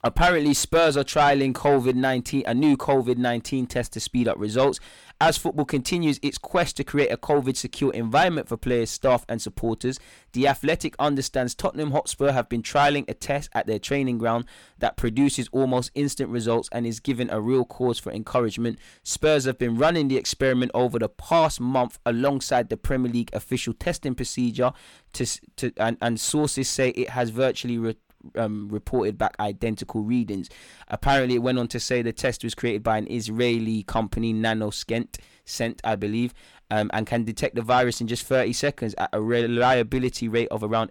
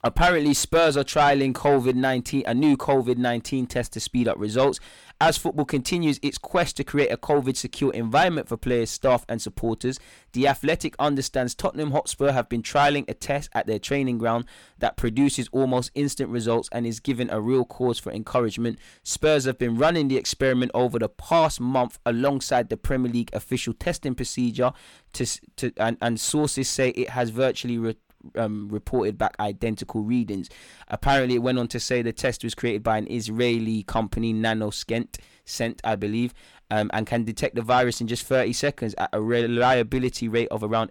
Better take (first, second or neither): neither